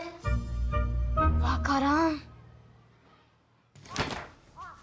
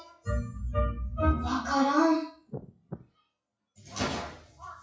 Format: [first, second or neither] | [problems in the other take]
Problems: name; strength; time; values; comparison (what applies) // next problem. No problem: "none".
first | noise reduction (classical method WPE with log-MMSE)